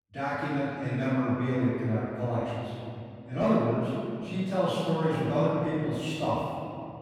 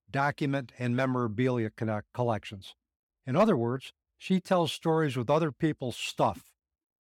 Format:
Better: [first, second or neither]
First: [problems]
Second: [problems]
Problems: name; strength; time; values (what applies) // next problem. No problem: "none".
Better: second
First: off-mic speech; far // room echo; strong; dies away in 2.7 s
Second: none